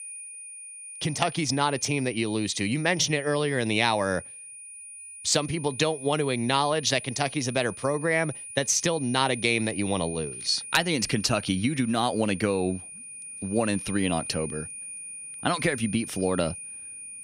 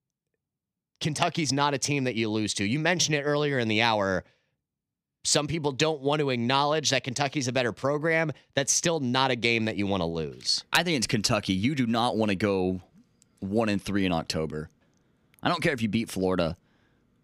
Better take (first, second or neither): second